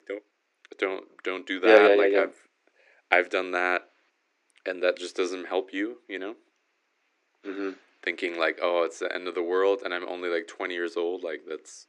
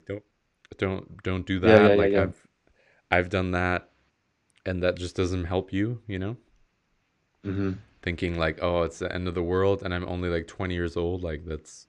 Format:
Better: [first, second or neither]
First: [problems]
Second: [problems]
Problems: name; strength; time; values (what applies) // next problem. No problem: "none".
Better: second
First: thin; somewhat; fading below 300 Hz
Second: none